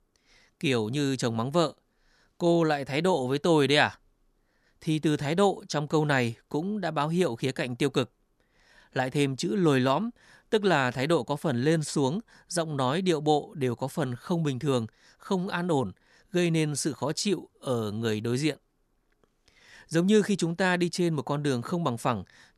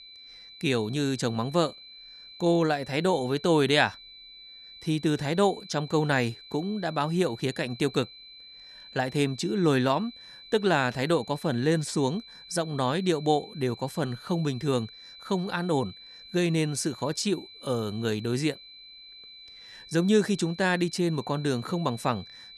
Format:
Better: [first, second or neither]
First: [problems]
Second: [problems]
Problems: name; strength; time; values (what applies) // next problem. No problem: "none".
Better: first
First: none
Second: high-pitched whine; noticeable; throughout; 4 kHz, 20 dB below the speech